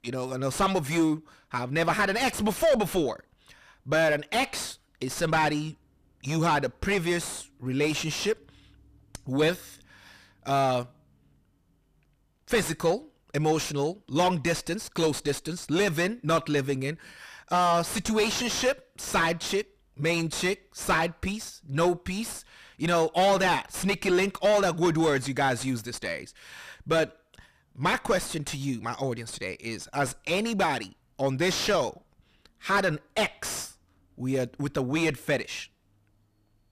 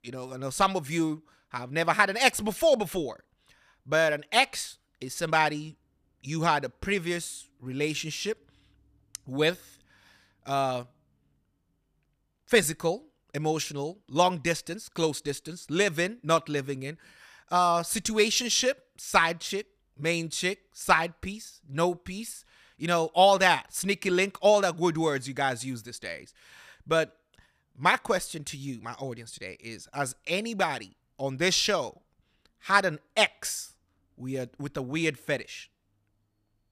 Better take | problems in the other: second | distortion; heavy; 5 dB below the speech

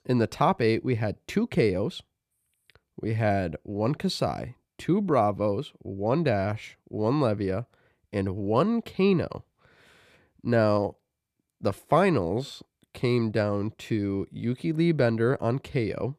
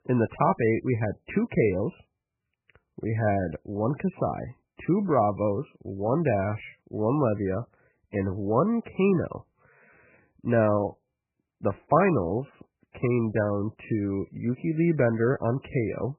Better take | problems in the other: first | garbled, watery; badly; nothing above 2.5 kHz

